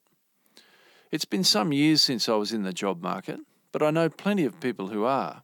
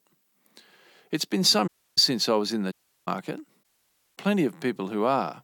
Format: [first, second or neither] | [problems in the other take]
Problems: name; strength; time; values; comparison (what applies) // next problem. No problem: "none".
first | audio cutting out; at 1.5 s, at 2.5 s and at 3.5 s for 0.5 s